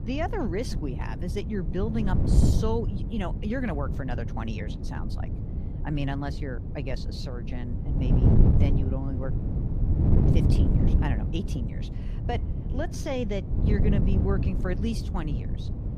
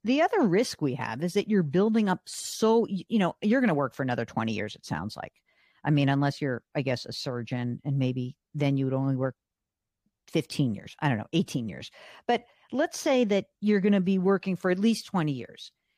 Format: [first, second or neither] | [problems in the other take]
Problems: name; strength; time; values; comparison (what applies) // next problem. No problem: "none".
second | wind noise on the microphone; heavy; 3 dB below the speech